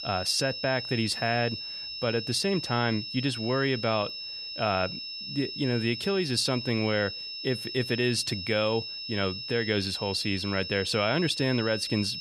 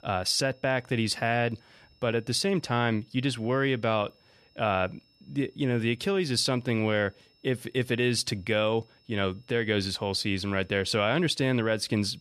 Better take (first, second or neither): second